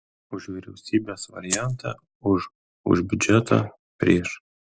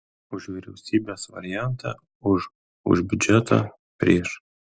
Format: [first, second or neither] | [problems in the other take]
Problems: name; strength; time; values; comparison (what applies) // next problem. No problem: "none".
second | background sound (Rattle (instrument)); 4 dB below the speech